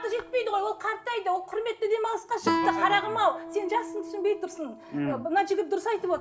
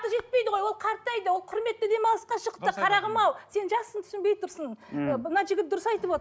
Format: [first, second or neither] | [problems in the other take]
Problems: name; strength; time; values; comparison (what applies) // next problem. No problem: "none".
second | background sound (Guitar); 8 dB below the speech // room echo; dies away in 0.4 s